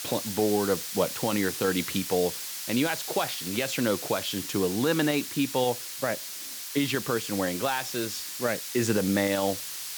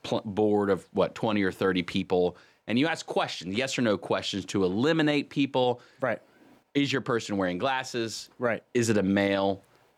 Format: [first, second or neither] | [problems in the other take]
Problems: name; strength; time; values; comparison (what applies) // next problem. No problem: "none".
second | hiss; loud; throughout; 5 dB below the speech